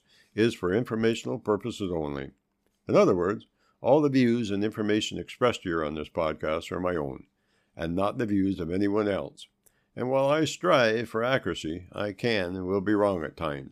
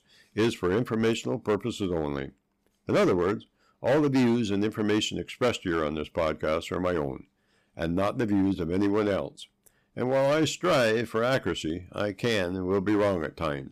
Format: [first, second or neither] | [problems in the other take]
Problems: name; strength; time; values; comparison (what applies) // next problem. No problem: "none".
first | distortion; slight; 7% of the sound clipped